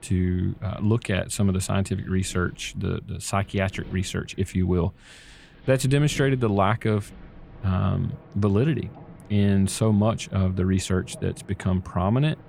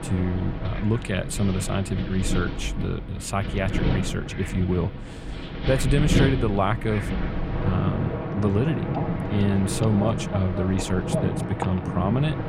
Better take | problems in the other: first | wind in the background; loud; throughout; 3 dB below the speech; faint in the first

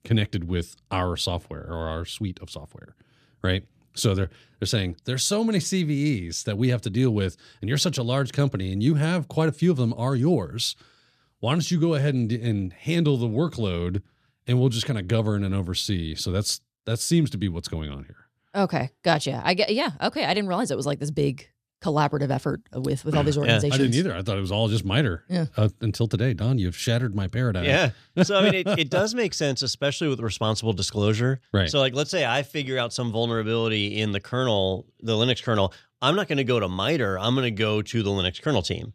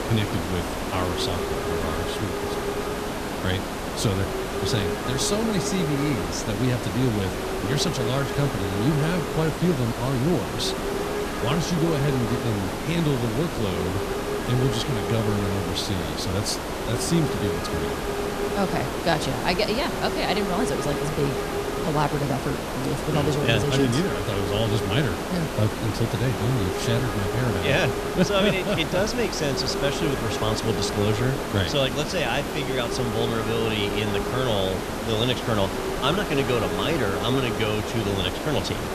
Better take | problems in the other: first | hiss; loud; throughout; 2 dB below the speech

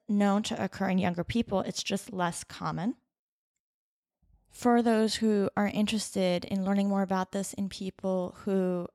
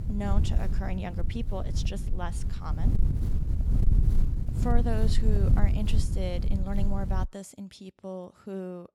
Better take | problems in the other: first | wind noise on the microphone; heavy; until 7.5 s; 6 dB below the speech

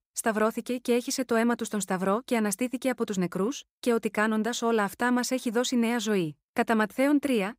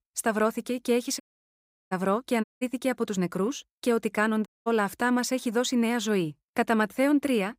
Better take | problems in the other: first | audio cutting out; at 1 s for 0.5 s, at 2.5 s and at 4.5 s

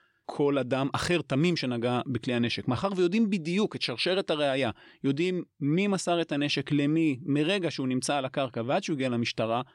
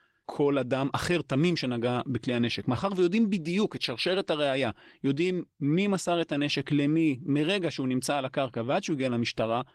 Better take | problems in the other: first | garbled, watery; slightly; nothing above 16.5 kHz

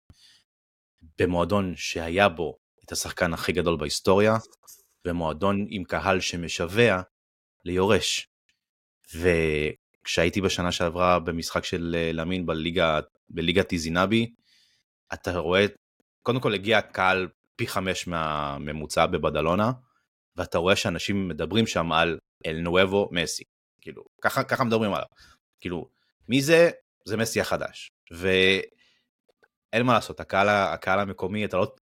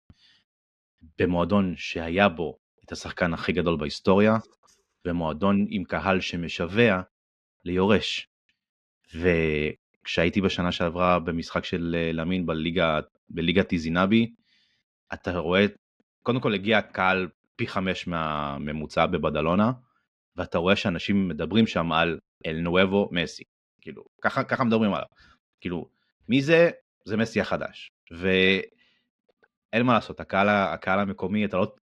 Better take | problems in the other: first | muffled; very slightly; fading above 3 kHz

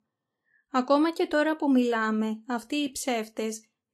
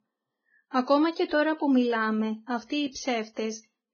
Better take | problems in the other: first | garbled, watery; badly; nothing above 6.5 kHz; slightly in the first

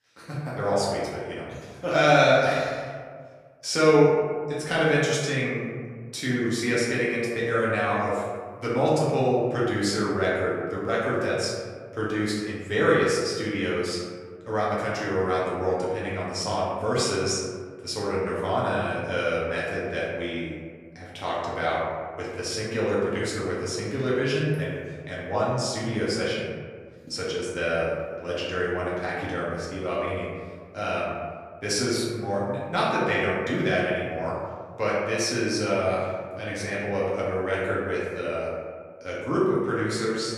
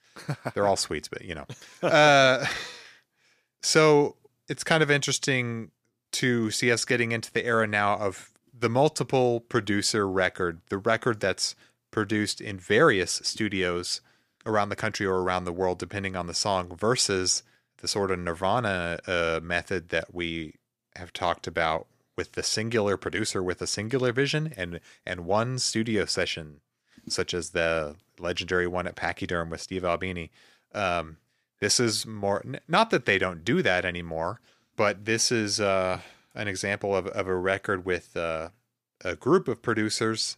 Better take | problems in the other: second | room echo; noticeable; dies away in 1.6 s // off-mic speech; far

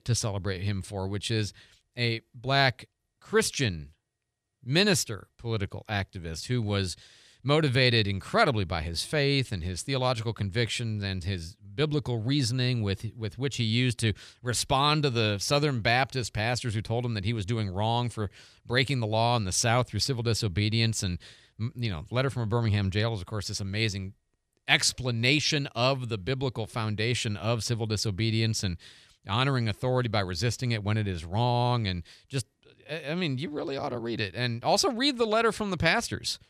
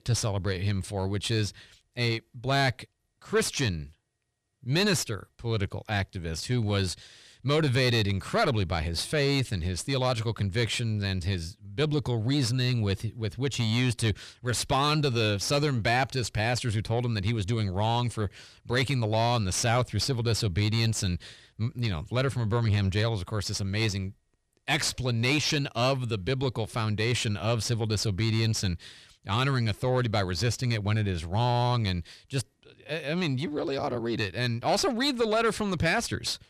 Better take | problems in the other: first | distortion; slight; 10 dB below the speech

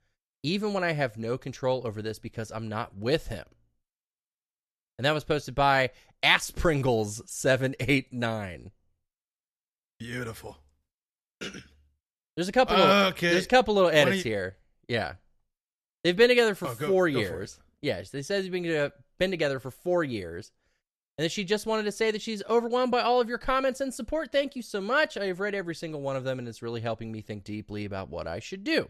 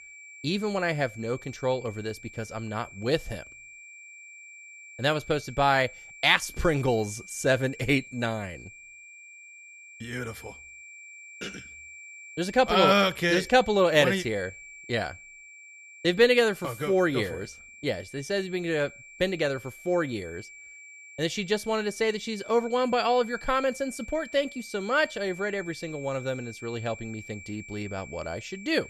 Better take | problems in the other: first | high-pitched whine; noticeable; throughout; 2.5 kHz, 15 dB below the speech

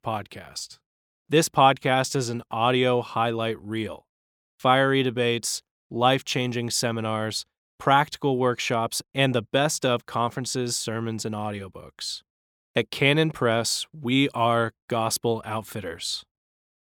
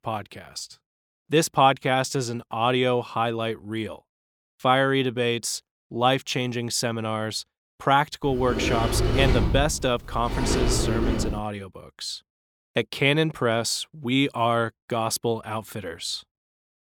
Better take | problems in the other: first | door banging; loud; from 8 to 11 s; peak 2 dB above the speech

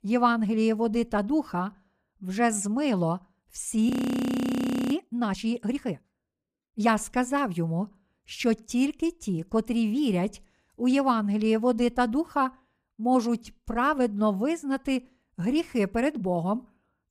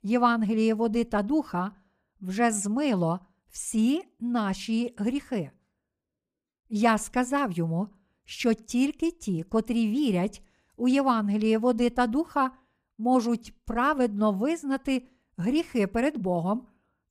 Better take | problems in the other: second | audio freezing; at 4 s for 1 s

